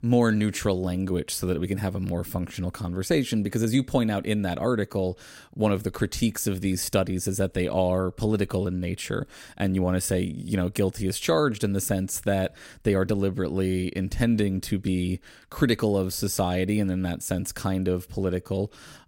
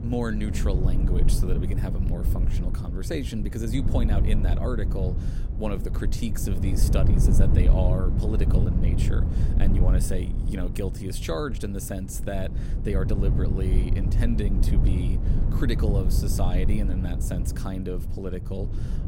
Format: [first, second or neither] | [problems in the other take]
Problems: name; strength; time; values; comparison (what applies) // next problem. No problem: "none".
first | low rumble; loud; throughout; 4 dB below the speech